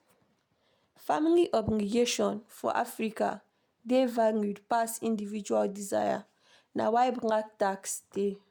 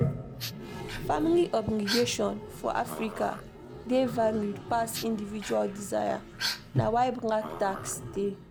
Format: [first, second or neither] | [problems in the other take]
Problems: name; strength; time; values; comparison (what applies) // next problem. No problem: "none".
first | background sound (Dog + Toilet flush); 7 dB below the speech